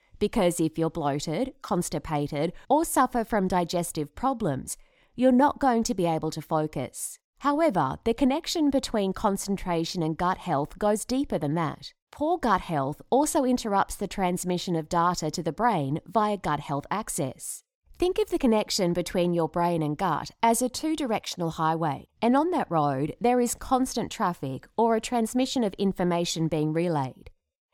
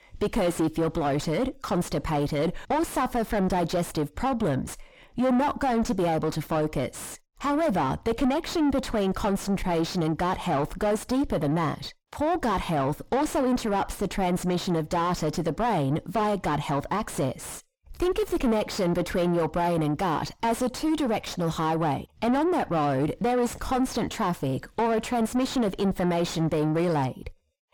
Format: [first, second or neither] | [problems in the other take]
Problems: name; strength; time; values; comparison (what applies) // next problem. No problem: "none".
first | distortion; heavy; 4 dB below the speech